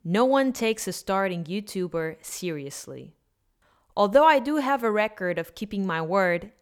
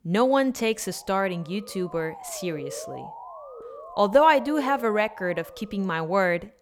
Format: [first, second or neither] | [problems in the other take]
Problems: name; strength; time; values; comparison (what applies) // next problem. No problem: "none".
first | siren; faint; from 0.5 s on; peak 10 dB below the speech